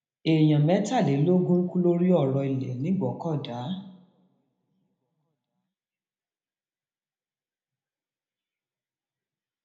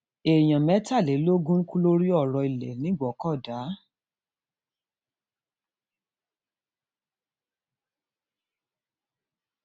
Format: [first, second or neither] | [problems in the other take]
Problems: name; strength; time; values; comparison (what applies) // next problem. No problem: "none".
second | room echo; dies away in 0.7 s